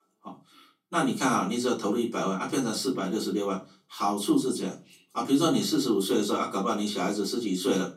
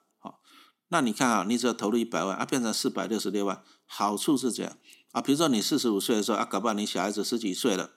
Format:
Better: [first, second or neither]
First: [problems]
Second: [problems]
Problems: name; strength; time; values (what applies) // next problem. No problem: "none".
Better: second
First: off-mic speech; far // room echo; very slight; dies away in 0.3 s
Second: none